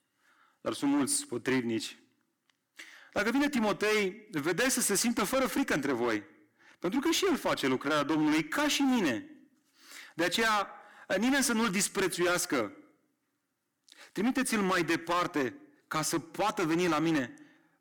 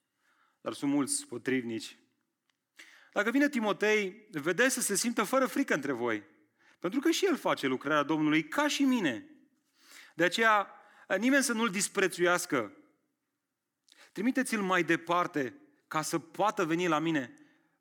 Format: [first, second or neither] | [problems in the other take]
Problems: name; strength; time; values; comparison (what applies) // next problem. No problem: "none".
second | distortion; heavy; 15% of the sound clipped